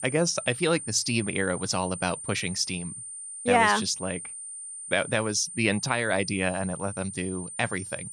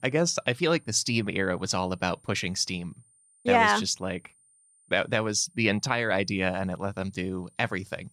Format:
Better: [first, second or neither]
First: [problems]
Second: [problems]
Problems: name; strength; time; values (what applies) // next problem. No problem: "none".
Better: second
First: high-pitched whine; loud; throughout; 9 kHz, 9 dB below the speech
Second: high-pitched whine; faint; throughout; 9 kHz, 30 dB below the speech